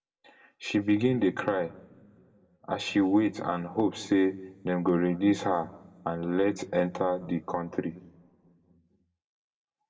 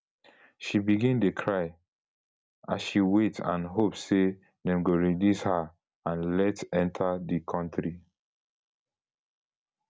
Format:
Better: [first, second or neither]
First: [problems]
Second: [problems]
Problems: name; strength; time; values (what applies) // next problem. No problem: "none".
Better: second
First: room echo; dies away in 1 s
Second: none